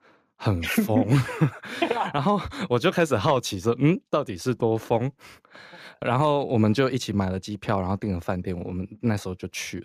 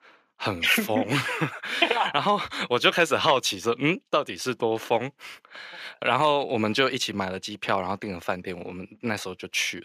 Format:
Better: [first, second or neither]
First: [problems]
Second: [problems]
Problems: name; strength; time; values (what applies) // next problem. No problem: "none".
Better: first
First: none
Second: thin; somewhat; fading below 1 kHz